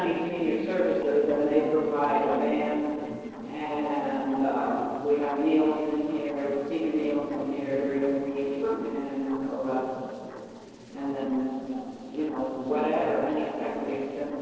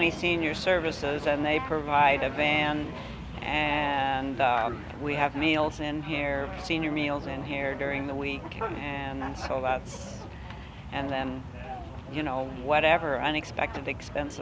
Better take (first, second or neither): second